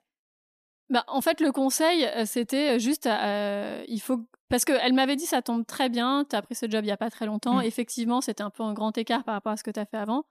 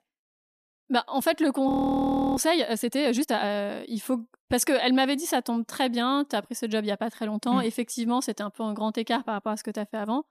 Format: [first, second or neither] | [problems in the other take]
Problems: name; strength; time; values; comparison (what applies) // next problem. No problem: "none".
first | audio freezing; at 1.5 s for 0.5 s